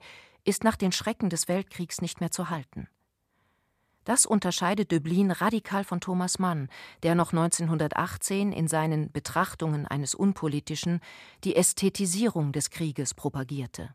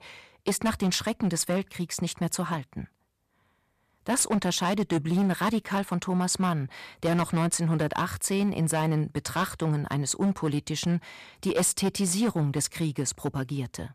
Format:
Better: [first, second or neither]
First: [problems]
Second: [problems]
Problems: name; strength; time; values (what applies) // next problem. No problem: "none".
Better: first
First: none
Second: distortion; slight; 8% of the sound clipped